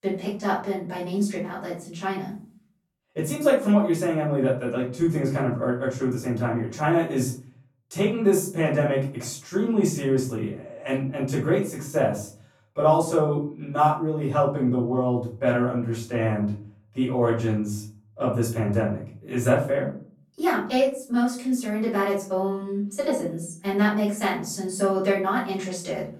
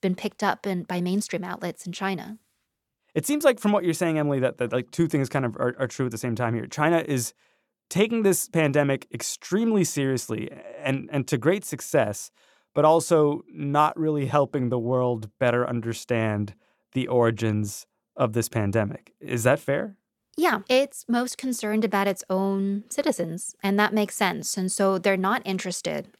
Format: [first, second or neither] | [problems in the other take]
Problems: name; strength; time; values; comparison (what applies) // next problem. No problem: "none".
second | off-mic speech; far // room echo; noticeable; dies away in 0.4 s